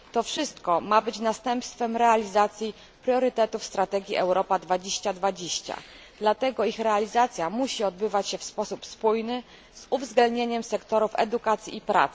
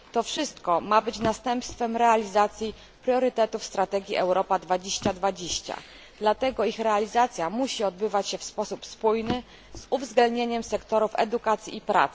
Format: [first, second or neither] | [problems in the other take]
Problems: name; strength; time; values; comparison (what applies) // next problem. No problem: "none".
first | background sound (Drawer open or close); 18 dB below the speech